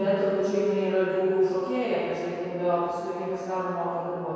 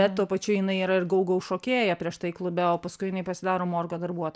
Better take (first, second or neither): second